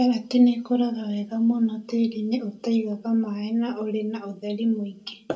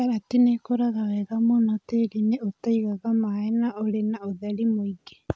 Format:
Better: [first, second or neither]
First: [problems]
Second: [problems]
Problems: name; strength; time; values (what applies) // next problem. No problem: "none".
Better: second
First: room echo; dies away in 0.2 s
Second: none